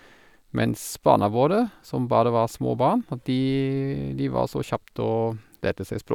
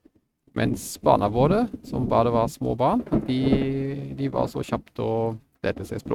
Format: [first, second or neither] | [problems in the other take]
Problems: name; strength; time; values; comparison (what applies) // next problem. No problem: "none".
first | noise reduction (neural mask model RNNoise)